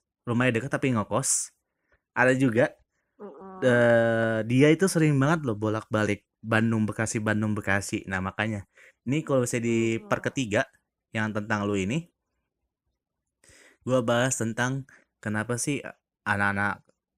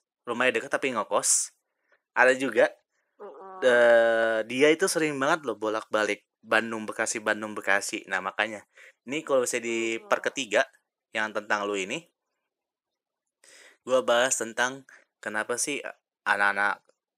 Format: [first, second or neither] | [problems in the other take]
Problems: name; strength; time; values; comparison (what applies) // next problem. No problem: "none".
first | thin; somewhat; fading below 500 Hz